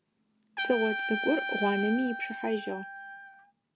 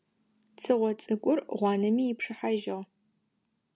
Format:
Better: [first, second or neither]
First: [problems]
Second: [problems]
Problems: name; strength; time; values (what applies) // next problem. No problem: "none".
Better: second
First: background sound (Trumpet); 4 dB below the speech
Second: none